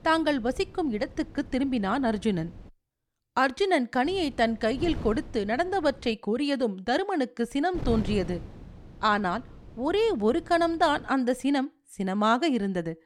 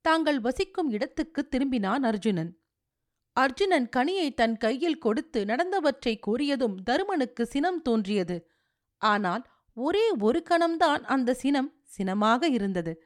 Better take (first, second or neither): second